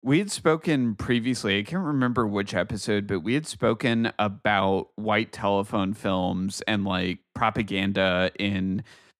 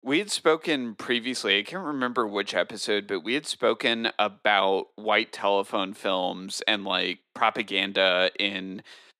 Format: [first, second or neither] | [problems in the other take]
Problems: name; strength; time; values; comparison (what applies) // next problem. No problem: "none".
first | thin; somewhat; fading below 400 Hz